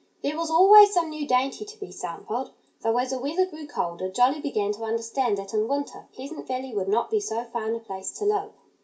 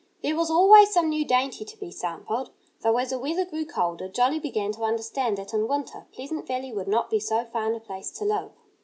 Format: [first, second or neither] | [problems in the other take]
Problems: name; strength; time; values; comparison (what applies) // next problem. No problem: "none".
second | room echo; dies away in 0.2 s